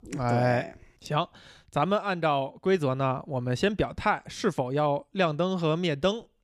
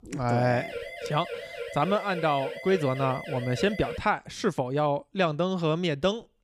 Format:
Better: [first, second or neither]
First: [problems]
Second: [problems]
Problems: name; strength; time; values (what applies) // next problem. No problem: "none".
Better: first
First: none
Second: siren; noticeable; from 0.5 to 4 s; peak 9 dB below the speech